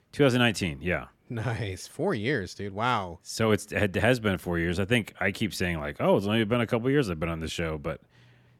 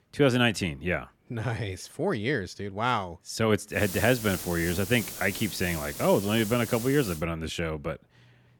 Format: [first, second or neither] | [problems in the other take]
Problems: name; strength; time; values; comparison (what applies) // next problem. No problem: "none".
first | hiss; loud; from 4 to 7 s; 9 dB below the speech